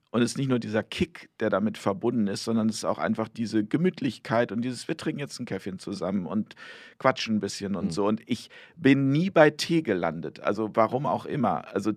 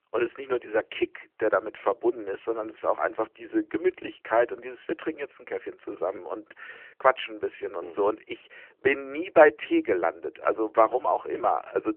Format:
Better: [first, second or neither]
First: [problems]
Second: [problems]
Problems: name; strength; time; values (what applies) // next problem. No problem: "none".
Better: first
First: none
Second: phone-call audio; nothing above 3 kHz